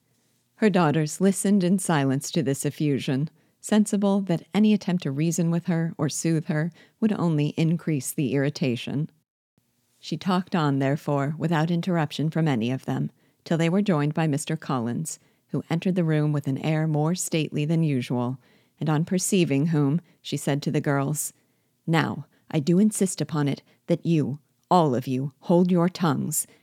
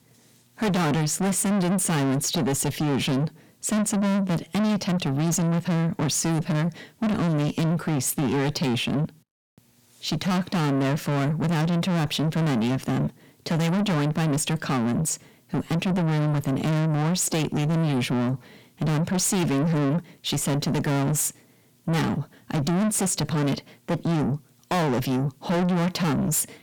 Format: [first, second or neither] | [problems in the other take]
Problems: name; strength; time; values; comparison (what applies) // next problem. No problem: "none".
first | distortion; heavy; 5 dB below the speech